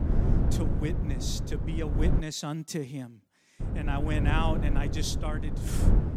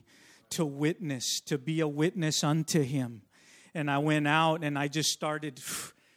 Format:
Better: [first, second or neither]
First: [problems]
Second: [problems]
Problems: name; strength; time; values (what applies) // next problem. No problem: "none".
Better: second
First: wind noise on the microphone; heavy; until 2 s and from 3.5 s on; 4 dB below the speech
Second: none